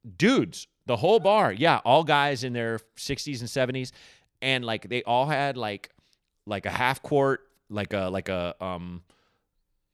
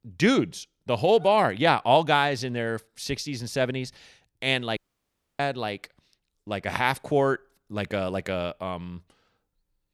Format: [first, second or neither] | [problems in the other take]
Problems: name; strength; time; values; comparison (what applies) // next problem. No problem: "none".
first | audio cutting out; at 5 s for 0.5 s